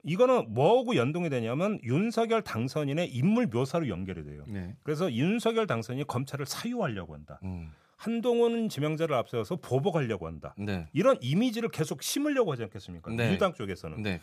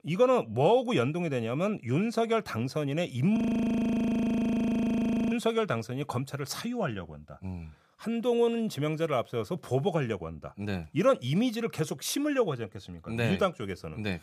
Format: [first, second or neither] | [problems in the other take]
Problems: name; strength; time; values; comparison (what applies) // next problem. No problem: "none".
first | audio freezing; at 3.5 s for 2 s